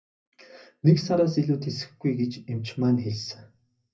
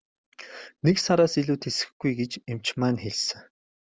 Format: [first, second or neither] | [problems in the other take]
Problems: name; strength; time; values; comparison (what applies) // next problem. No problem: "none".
second | room echo; dies away in 0.4 s